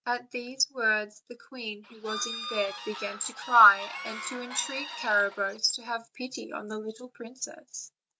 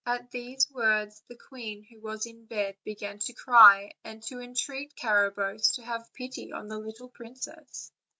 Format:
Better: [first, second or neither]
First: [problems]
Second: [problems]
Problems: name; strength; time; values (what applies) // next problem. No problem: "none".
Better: second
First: background sound (Bird / Fowl); 10 dB below the speech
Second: none